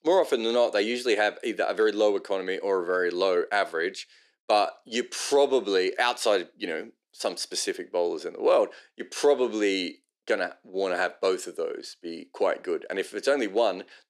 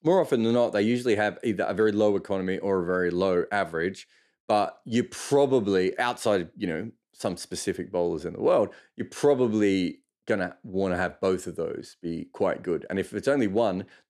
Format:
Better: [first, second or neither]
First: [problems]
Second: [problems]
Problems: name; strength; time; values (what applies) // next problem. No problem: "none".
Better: second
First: thin; somewhat; fading below 350 Hz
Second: none